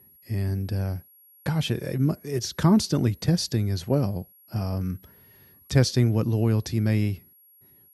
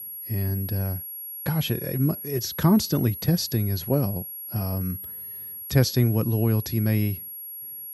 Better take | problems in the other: first | high-pitched whine; loud; throughout; 11.5 kHz, 9 dB below the speech; faint in the first

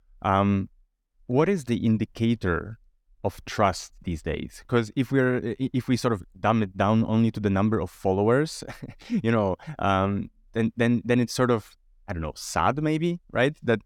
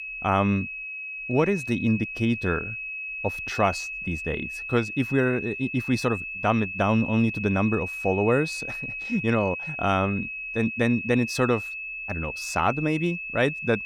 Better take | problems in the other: first | high-pitched whine; loud; throughout; 2.5 kHz, 6 dB below the speech

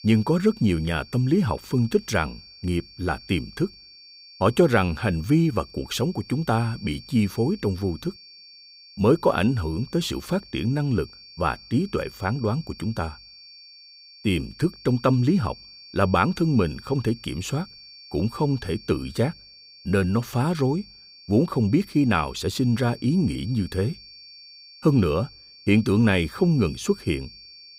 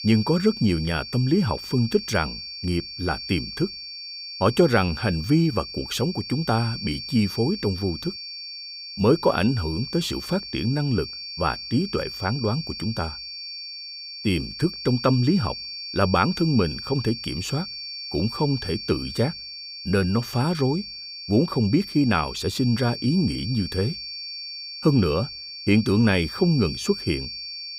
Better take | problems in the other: first | high-pitched whine; loud; throughout; 4.5 kHz, 9 dB below the speech; faint in the first

